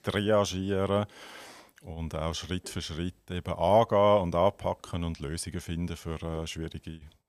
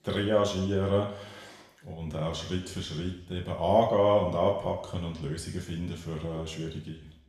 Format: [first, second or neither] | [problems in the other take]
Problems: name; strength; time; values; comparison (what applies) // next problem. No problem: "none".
first | room echo; noticeable; dies away in 0.8 s // off-mic speech; somewhat distant